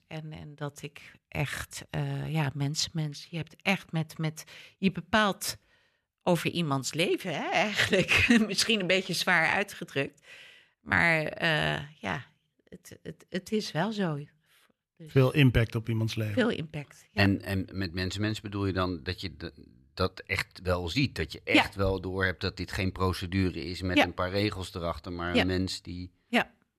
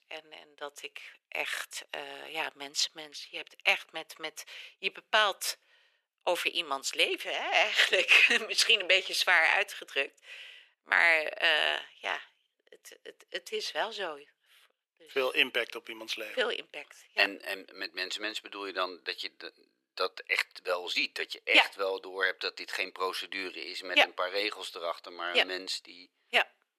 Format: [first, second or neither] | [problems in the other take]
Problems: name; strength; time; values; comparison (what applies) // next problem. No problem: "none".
first | thin; very; fading below 450 Hz